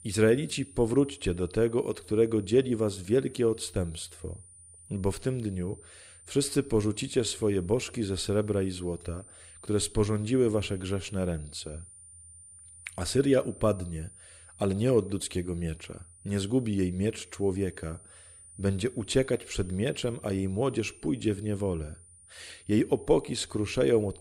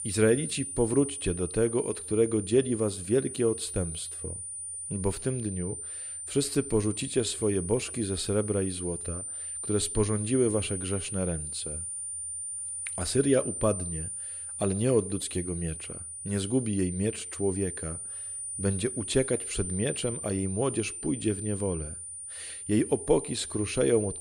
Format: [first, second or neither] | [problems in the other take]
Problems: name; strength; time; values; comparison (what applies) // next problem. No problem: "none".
first | high-pitched whine; loud; throughout; 9.5 kHz, 6 dB below the speech; faint in the first